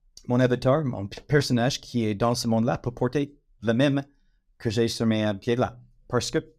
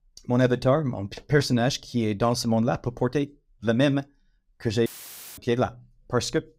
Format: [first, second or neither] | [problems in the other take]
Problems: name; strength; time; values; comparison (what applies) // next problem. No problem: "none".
first | audio cutting out; filled with static; at 5 s for 0.5 s